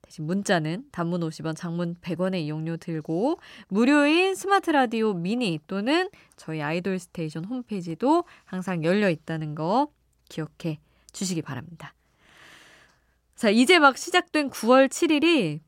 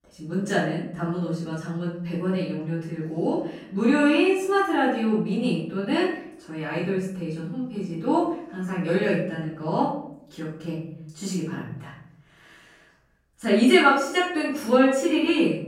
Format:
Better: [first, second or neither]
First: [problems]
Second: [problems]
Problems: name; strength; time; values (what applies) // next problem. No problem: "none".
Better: first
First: none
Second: off-mic speech; far // room echo; noticeable; dies away in 0.7 s